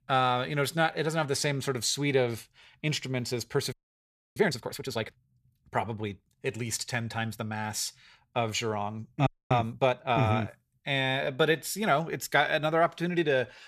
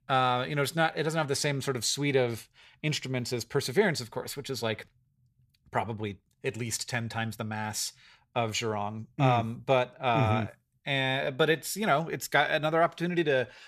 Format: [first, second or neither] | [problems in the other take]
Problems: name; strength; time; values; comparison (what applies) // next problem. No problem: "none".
second | audio freezing; at 3.5 s for 0.5 s and at 9.5 s